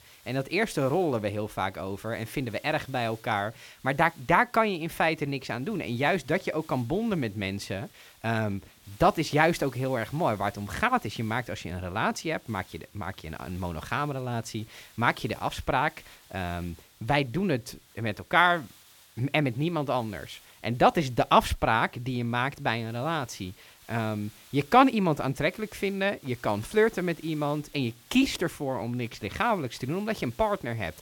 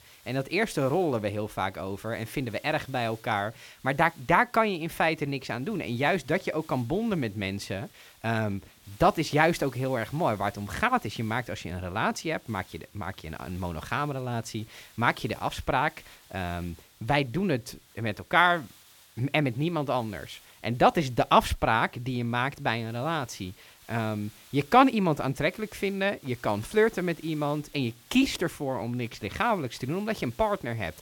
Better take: neither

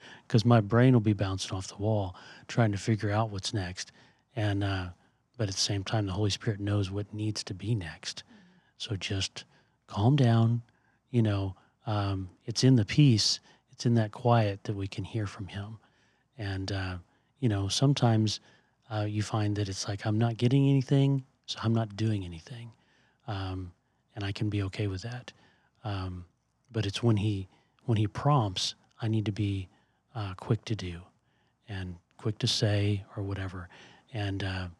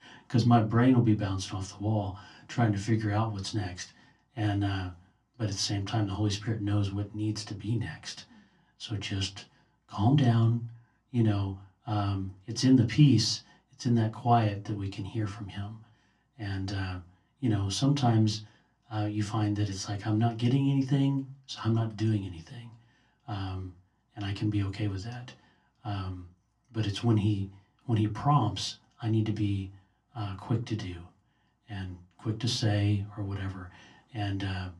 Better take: first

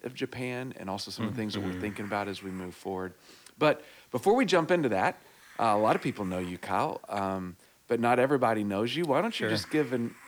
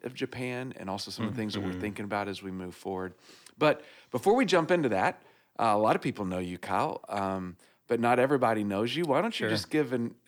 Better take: second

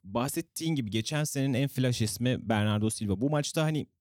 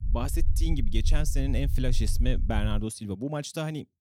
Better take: first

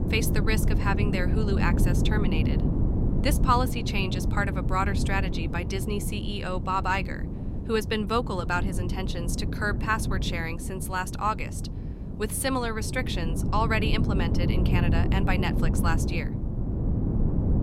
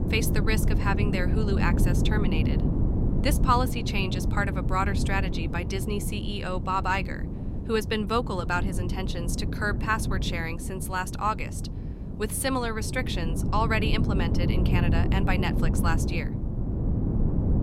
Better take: neither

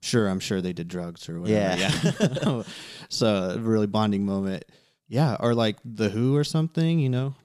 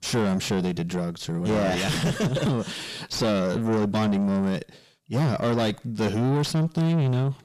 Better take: first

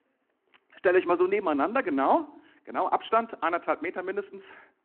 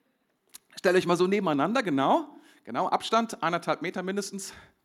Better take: second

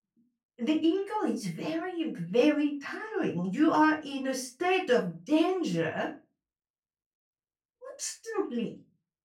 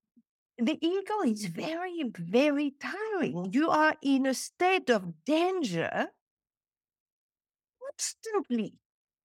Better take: second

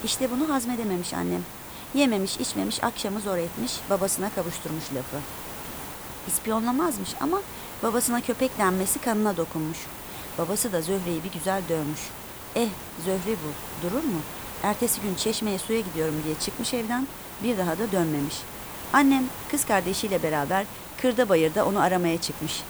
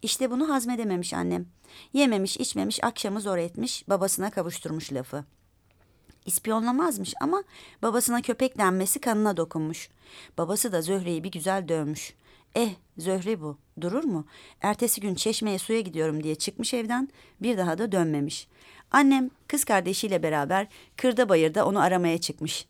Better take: second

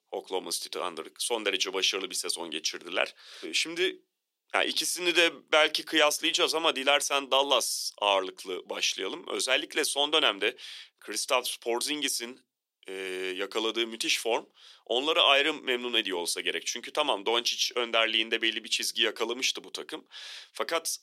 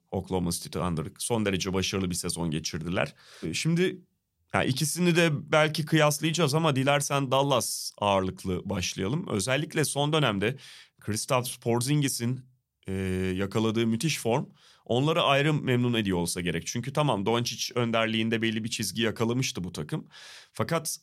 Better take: second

